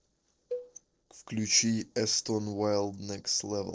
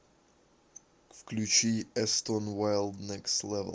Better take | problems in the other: second | noise reduction (neural separator model SepFormer DNS4)

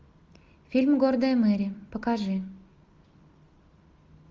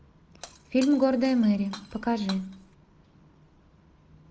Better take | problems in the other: first | background sound (Shatter); 18 dB below the speech

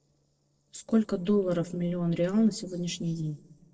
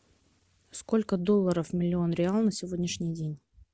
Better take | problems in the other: second | noise reduction (neural separator model SepFormer DNS4)

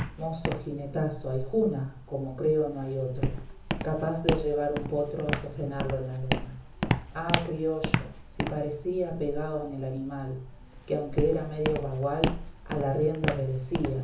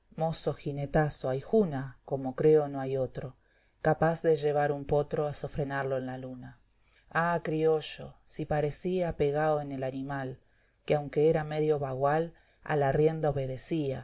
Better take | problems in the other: second | background sound (Walk, footsteps); 3 dB below the speech // room echo; dies away in 0.7 s

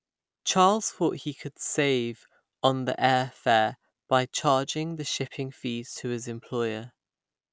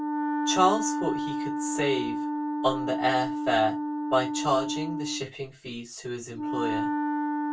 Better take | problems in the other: first | background sound (Wind instrument, woodwind instrument); 1 dB below the speech // room echo; dies away in 0.2 s

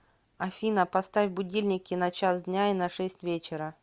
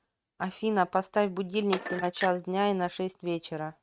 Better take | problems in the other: first | noise reduction (neural mask model RNNoise)

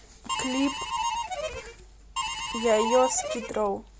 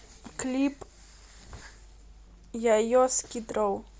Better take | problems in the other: second | background sound (Harmonica); 3 dB below the speech

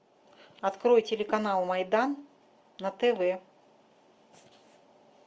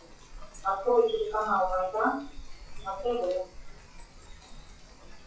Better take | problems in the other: first | noise reduction (classical method WPE with log-MMSE)

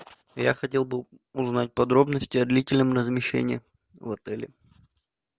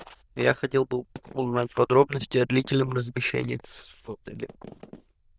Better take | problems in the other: first | noise reduction (neural diffusion model UNIVERSE++)

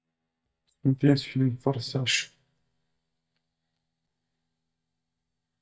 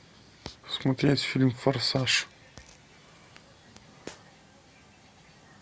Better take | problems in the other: second | noise reduction (neural mask model DeepFilterNet 3)

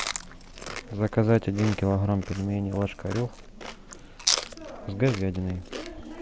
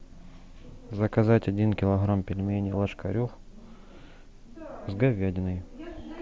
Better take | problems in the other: second | background sound (Chewing, mastication); 8 dB below the speech

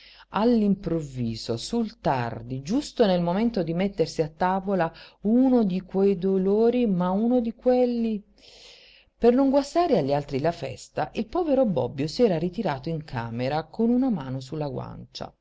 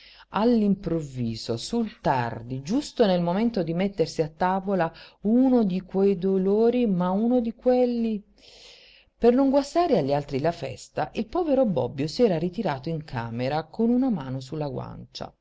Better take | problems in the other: first | noise reduction (neural mask model Resemble Enhance denoiser)

